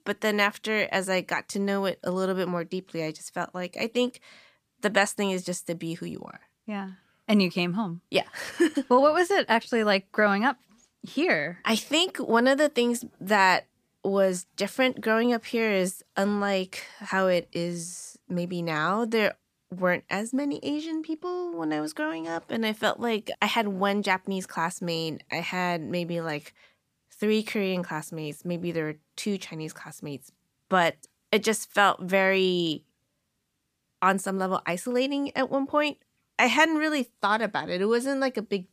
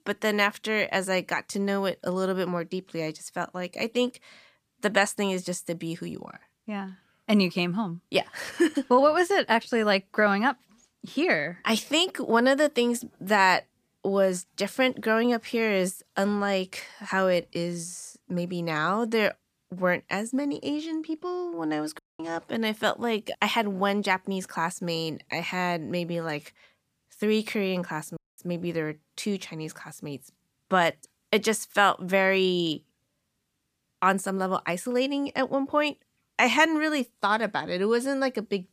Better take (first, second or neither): first